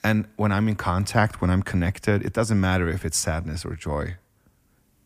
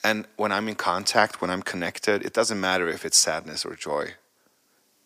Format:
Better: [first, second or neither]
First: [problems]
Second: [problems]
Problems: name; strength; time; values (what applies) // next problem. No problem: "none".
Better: first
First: none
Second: thin; somewhat; fading below 400 Hz